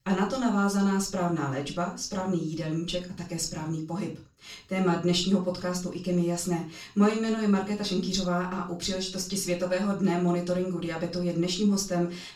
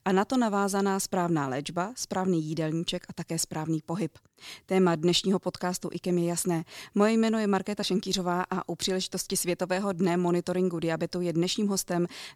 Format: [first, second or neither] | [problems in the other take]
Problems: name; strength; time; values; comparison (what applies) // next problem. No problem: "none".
second | room echo; slight; dies away in 0.3 s // off-mic speech; far